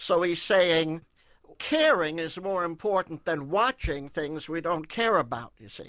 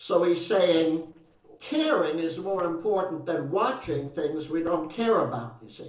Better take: first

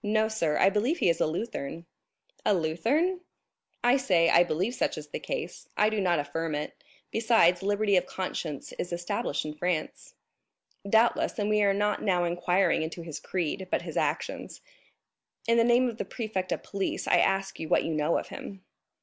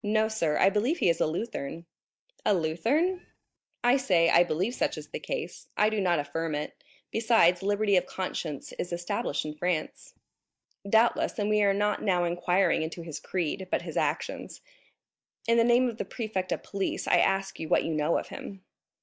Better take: first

